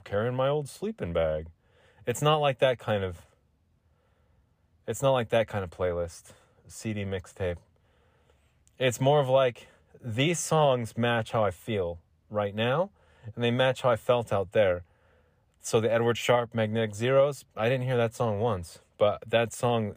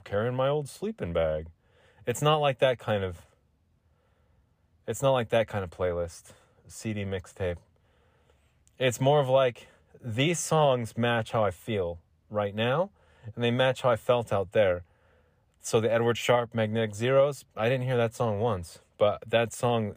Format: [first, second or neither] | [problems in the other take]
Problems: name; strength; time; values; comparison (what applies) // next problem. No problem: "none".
neither | none